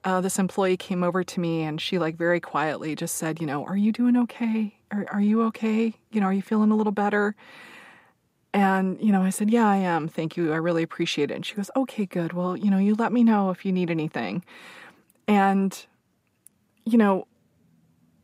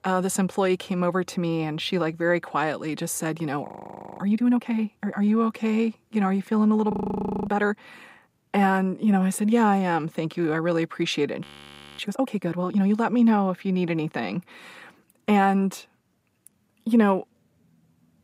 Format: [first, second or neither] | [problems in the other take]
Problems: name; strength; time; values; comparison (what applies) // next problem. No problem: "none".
first | audio freezing; at 3.5 s for 0.5 s, at 7 s for 0.5 s and at 11 s for 0.5 s